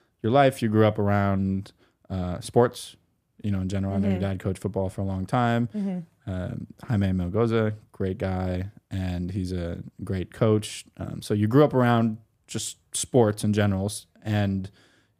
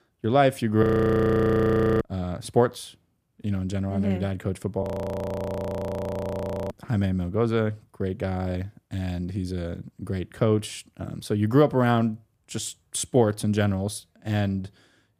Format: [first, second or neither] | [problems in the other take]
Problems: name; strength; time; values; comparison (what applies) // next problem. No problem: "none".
first | audio freezing; at 1 s for 1 s and at 5 s for 2 s